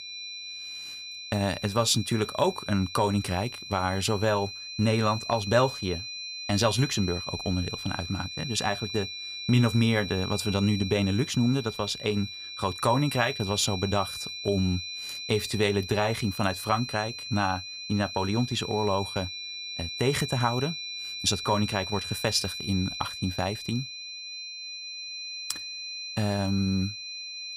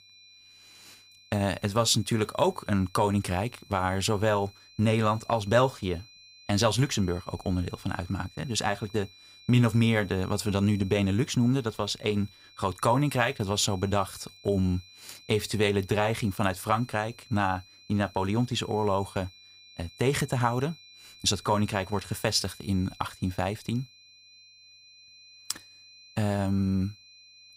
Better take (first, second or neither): second